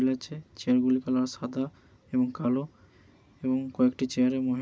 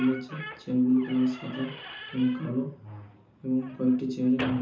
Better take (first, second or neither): first